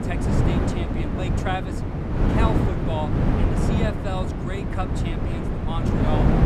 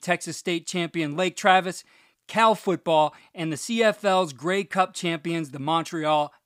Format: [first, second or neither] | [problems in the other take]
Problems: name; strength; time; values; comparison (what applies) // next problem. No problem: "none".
second | wind noise on the microphone; heavy; 2 dB above the speech